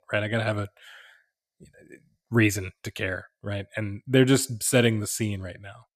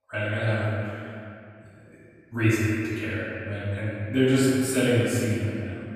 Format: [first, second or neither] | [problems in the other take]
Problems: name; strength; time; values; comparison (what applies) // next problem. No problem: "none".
first | room echo; strong; dies away in 2.5 s // off-mic speech; far